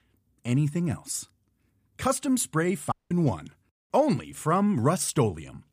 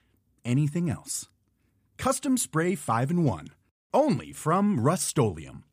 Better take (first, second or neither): second